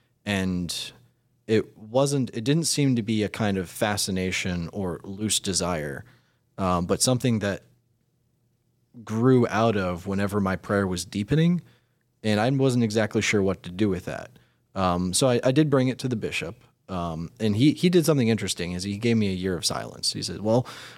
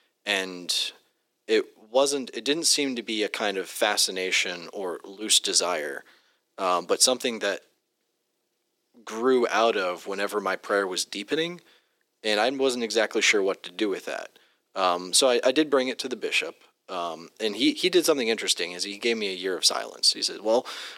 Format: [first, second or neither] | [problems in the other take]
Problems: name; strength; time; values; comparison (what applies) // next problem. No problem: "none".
first | thin; somewhat; fading below 300 Hz